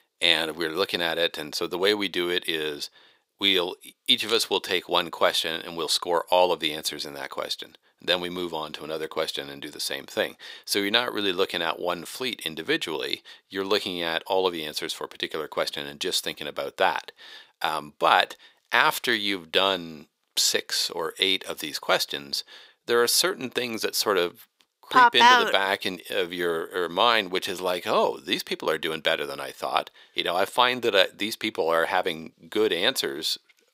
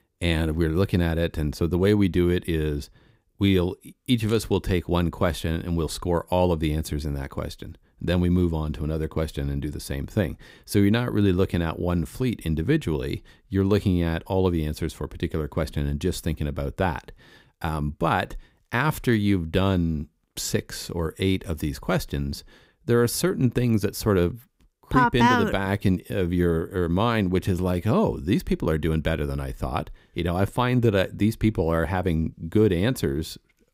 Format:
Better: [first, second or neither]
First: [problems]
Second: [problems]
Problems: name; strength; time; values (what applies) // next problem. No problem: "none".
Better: second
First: thin; very; fading below 650 Hz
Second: none